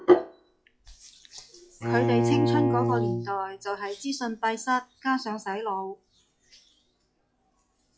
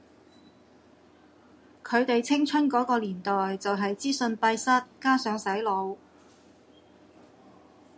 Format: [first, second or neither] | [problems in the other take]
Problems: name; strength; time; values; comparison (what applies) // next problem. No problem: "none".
second | noise reduction (classical method log-MMSE)